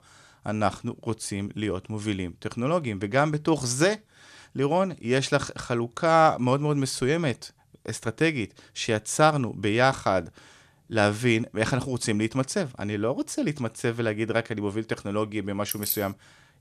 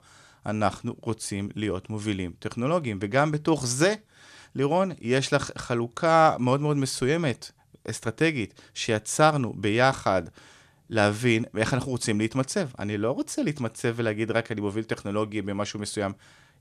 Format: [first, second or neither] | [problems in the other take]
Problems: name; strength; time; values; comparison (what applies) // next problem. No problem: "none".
second | jangling keys; noticeable; at 16 s; peak 3 dB below the speech